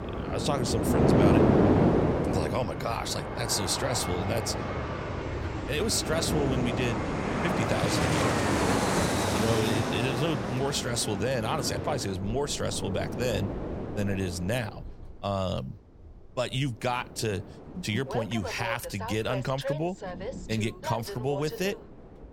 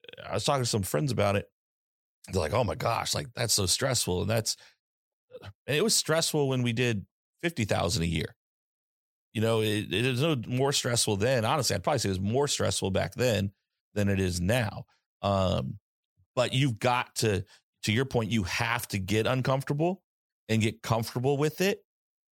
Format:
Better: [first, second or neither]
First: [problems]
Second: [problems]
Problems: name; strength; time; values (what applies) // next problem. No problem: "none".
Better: second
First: train or aircraft noise; very loud; throughout; 2 dB above the speech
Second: none